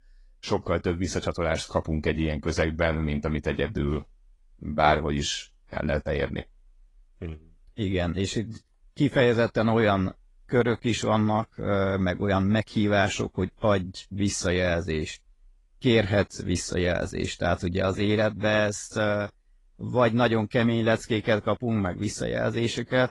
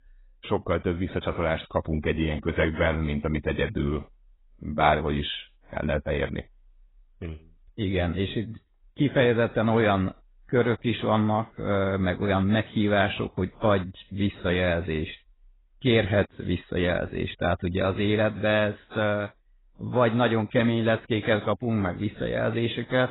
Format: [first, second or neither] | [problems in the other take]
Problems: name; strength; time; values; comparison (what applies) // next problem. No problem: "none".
first | garbled, watery; badly; nothing above 4 kHz; slightly in the first